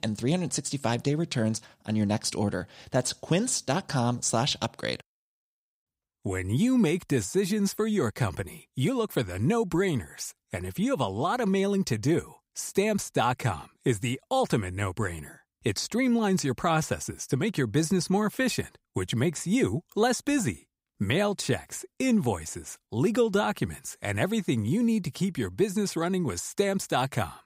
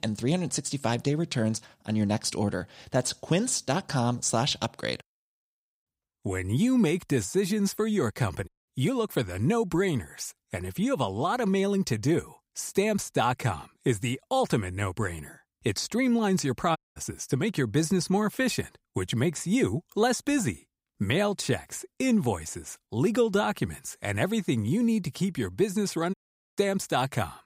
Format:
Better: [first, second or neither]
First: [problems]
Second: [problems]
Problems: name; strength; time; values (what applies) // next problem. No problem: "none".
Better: first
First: none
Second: audio cutting out; at 8.5 s, at 17 s and at 26 s